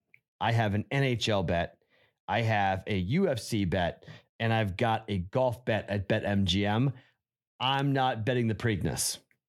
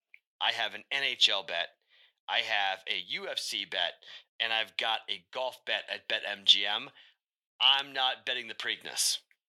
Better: first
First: none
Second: thin; very; fading below 800 Hz

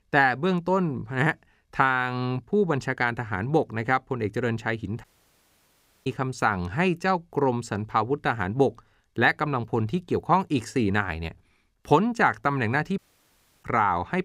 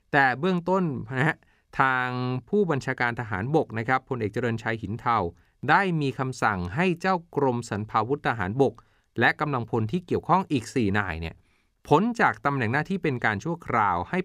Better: second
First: audio cutting out; at 5 s for 1 s and at 13 s for 0.5 s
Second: none

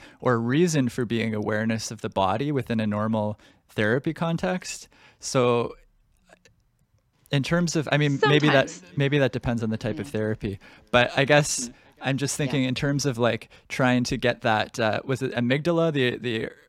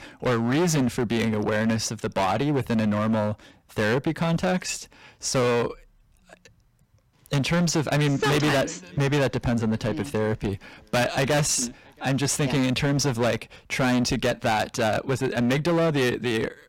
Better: first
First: none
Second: distortion; heavy; 17% of the sound clipped

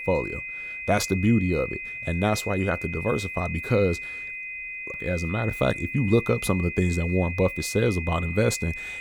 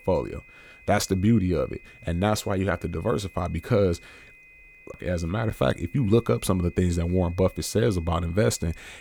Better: second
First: high-pitched whine; loud; throughout; 2.5 kHz, 7 dB below the speech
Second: high-pitched whine; faint; throughout; 2.5 kHz, 25 dB below the speech

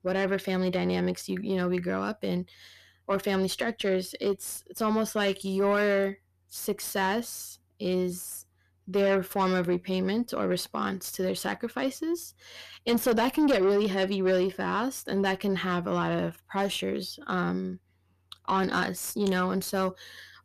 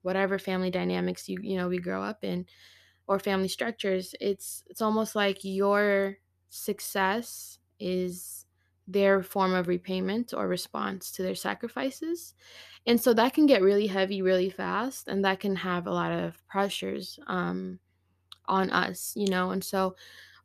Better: second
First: distortion; slight; 10 dB below the speech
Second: none

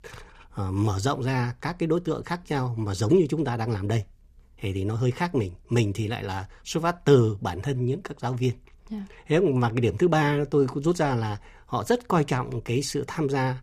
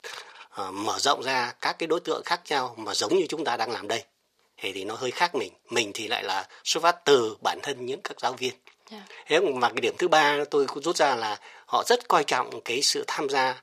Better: first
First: none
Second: thin; very; fading below 600 Hz

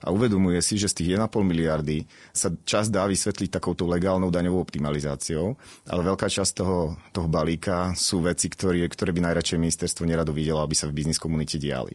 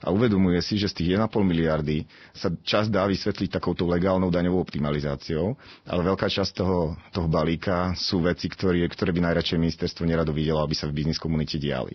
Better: first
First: garbled, watery; slightly; nothing above 10.5 kHz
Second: garbled, watery; badly; nothing above 5.5 kHz

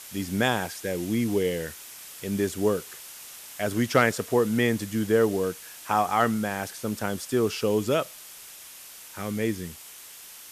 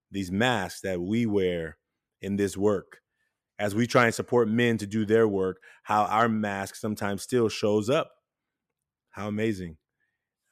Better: second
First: hiss; noticeable; throughout; 15 dB below the speech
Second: none

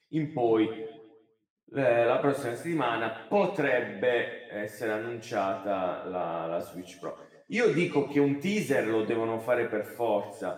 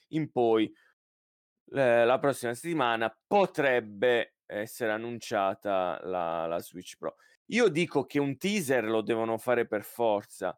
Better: second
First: room echo; noticeable; dies away in 0.9 s // off-mic speech; far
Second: none

